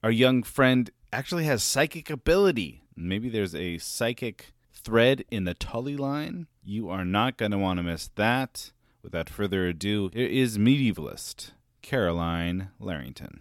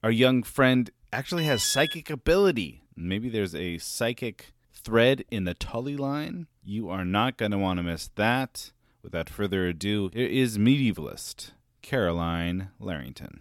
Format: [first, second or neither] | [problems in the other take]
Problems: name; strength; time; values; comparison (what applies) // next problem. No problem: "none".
first | alarm; noticeable; at 1.5 s; peak 4 dB below the speech